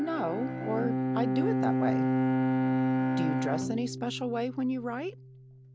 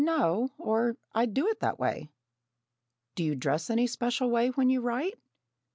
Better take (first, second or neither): second